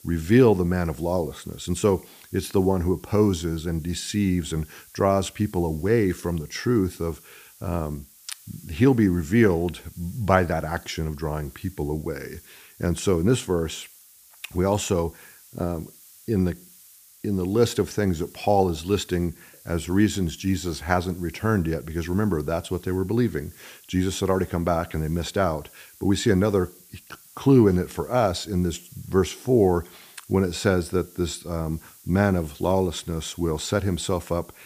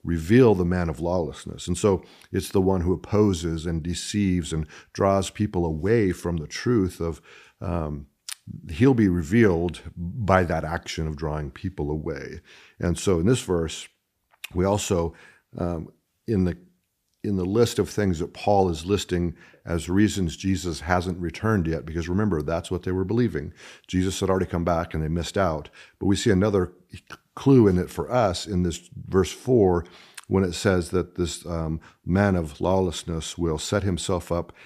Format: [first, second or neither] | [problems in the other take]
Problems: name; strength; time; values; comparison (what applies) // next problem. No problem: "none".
second | hiss; faint; throughout; 25 dB below the speech